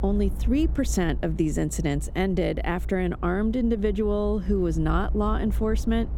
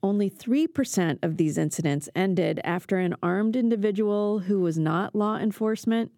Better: second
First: low rumble; faint; throughout; 20 dB below the speech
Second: none

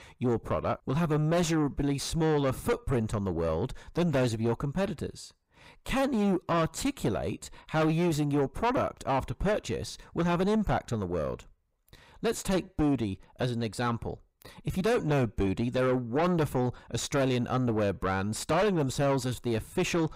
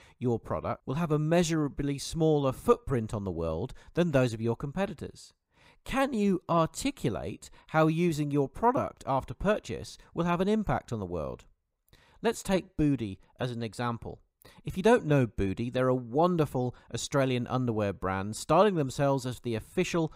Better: second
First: distortion; heavy; 6 dB below the speech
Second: none

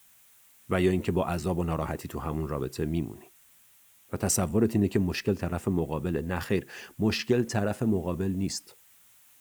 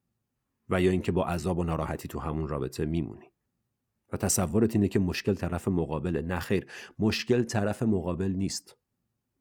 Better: second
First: hiss; faint; throughout; 25 dB below the speech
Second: none

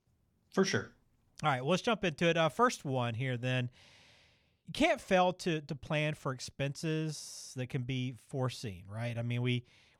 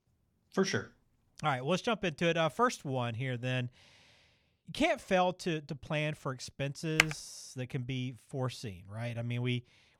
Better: first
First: none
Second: keyboard typing; very faint; at 7 s; peak 5 dB above the speech

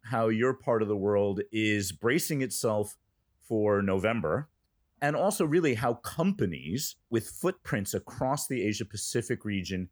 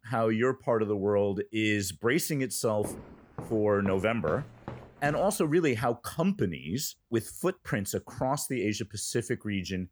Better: first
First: none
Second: footsteps; faint; from 3 to 5.5 s; peak 10 dB below the speech

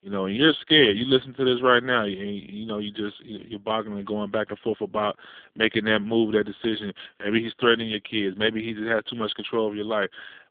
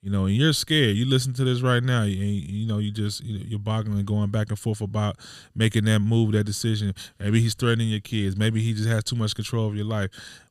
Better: second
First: phone-call audio; poor line; nothing above 3.5 kHz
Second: none

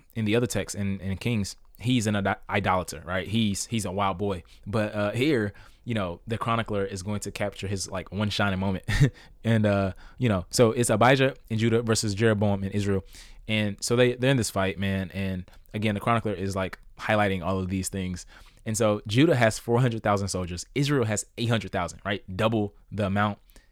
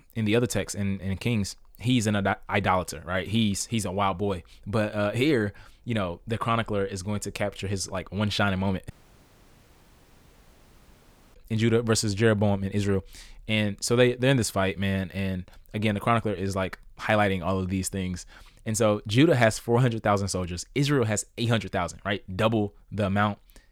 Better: first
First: none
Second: audio cutting out; at 9 s for 2.5 s

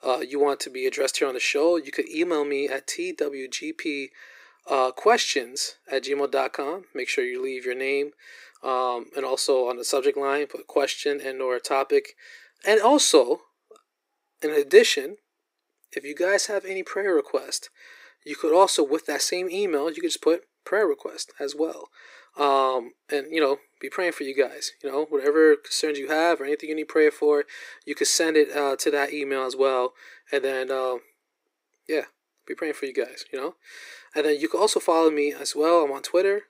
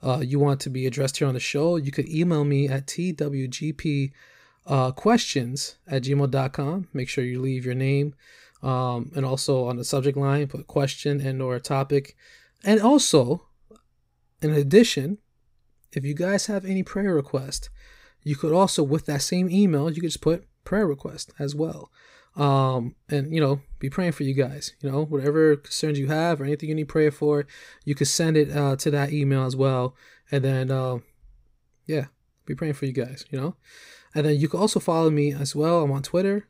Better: second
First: thin; very; fading below 350 Hz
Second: none

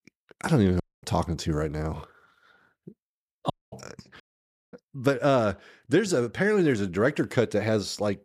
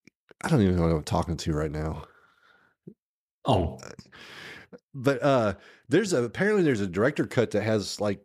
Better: second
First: audio cutting out; at 1 s, at 3.5 s and at 4 s for 0.5 s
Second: none

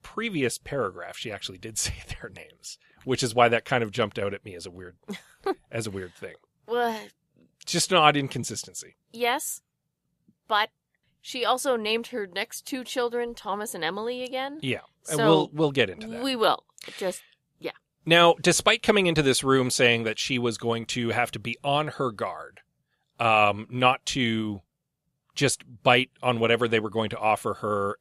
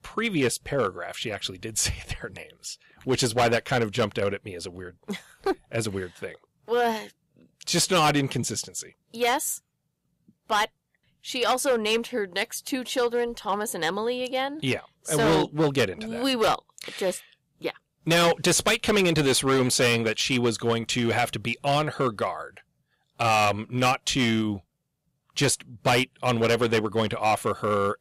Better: first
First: none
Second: distortion; heavy; 6% of the sound clipped

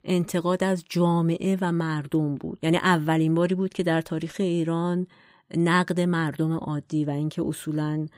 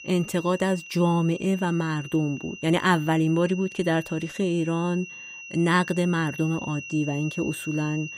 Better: first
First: none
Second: high-pitched whine; noticeable; throughout; 3 kHz, 15 dB below the speech

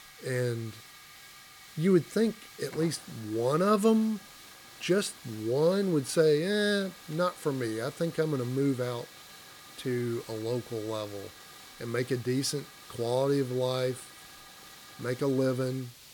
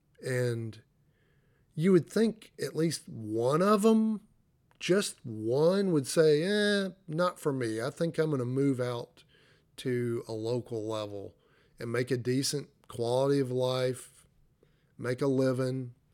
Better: second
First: hiss; noticeable; throughout; 20 dB below the speech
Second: none

